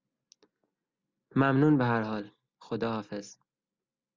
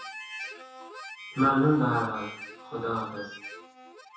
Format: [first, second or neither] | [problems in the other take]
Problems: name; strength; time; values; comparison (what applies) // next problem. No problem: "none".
first | background sound (Harmonica); 13 dB below the speech // room echo; dies away in 0.7 s